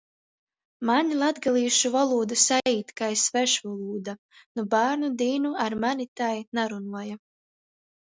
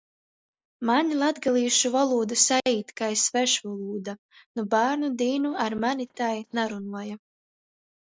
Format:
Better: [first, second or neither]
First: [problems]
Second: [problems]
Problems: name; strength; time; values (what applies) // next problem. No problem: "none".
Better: first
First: none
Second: noise reduction (neural mask model Resemble Enhance denoiser)